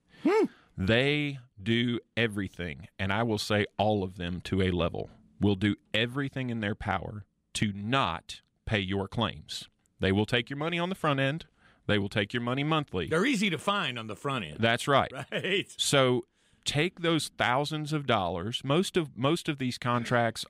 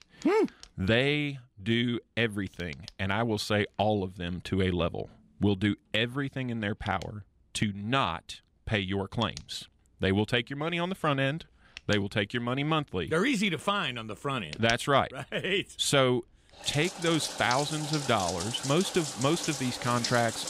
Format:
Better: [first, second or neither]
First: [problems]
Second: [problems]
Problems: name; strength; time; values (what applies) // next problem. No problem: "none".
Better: first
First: none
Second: household noises; loud; throughout; 8 dB below the speech